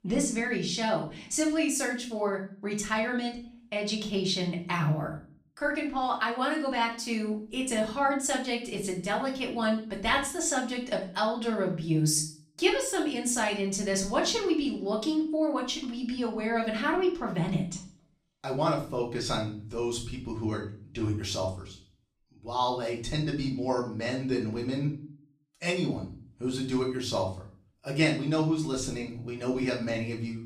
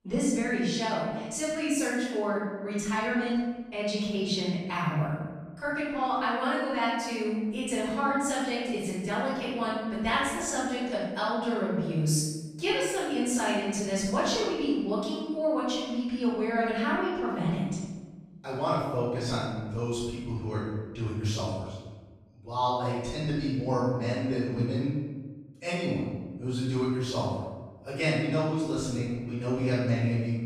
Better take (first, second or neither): first